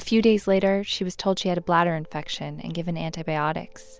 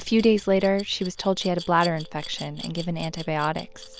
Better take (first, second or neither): first